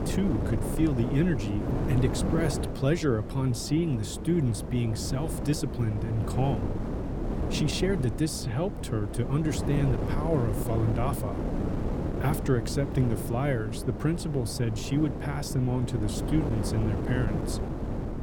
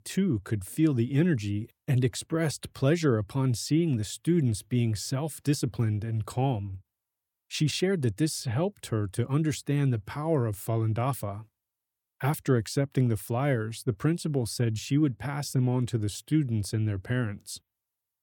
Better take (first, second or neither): second